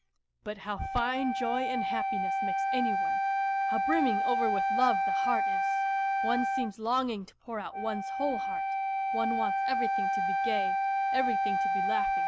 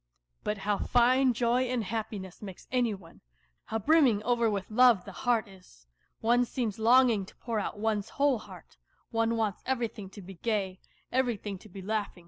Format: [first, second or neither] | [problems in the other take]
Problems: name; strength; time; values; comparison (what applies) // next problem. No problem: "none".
second | background sound (Wind instrument, woodwind instrument); 5 dB above the speech